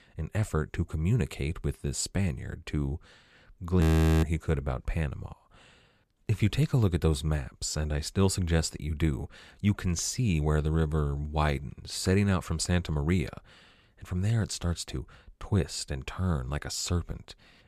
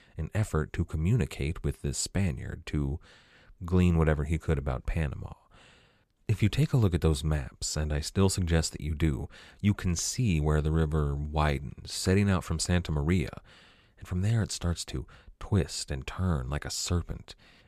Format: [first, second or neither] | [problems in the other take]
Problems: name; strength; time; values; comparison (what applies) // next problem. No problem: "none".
second | audio freezing; at 4 s